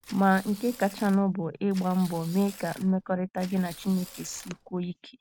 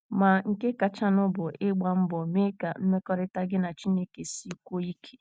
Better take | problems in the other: second | background sound (Tearing); 20 dB below the speech

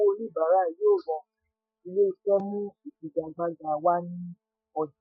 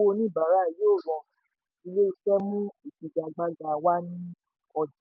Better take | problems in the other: second | noise reduction (classical method Wiener filter)

